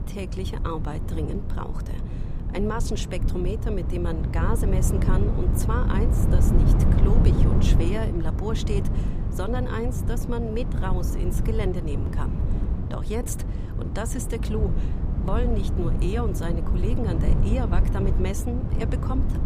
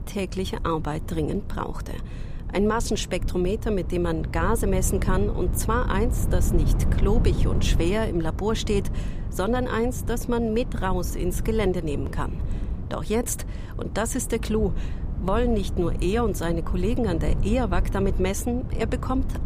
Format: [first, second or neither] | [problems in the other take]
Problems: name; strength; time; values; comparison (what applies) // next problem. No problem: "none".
second | wind noise on the microphone; heavy; 4 dB below the speech; occasional gusts in the second